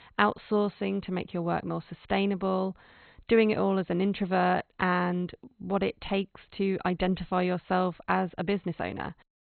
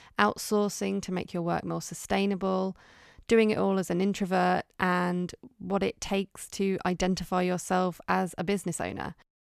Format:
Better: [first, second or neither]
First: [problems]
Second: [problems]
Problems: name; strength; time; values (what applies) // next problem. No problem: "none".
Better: second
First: garbled, watery; badly; nothing above 4 kHz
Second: none